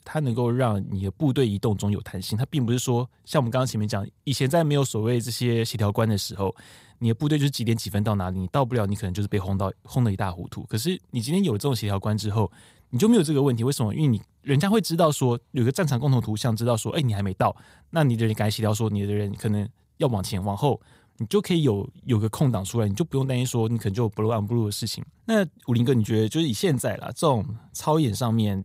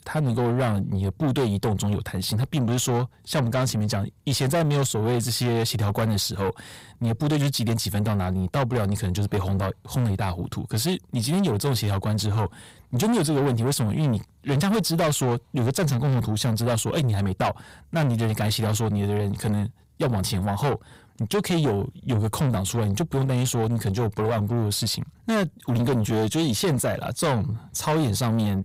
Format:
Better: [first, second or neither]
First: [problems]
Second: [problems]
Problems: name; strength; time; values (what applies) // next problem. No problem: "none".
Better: first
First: none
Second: distortion; heavy; 7 dB below the speech